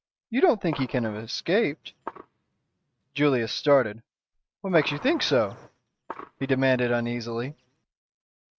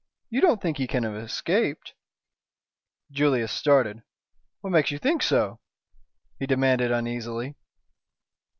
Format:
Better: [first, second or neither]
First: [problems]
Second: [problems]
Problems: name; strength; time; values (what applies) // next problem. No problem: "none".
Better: second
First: noise reduction (neural mask model RNNoise)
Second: none